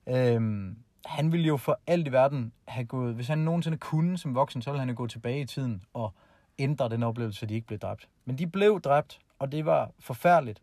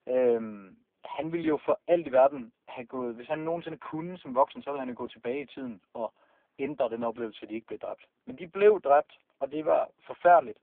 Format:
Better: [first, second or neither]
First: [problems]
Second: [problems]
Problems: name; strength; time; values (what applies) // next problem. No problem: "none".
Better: first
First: none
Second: phone-call audio; poor line